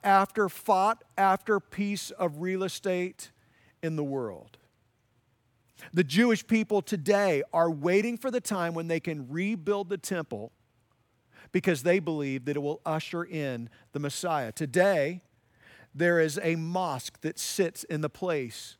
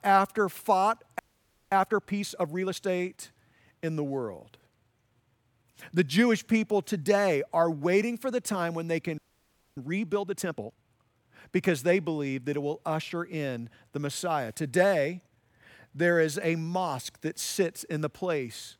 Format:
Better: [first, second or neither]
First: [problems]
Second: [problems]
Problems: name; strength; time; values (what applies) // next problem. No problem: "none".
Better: first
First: none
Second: audio freezing; at 1 s for 0.5 s and at 9 s for 0.5 s